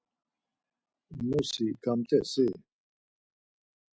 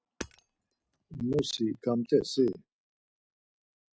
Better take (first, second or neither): first